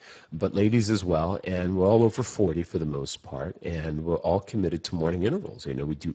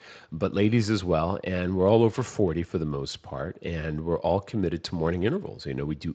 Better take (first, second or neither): second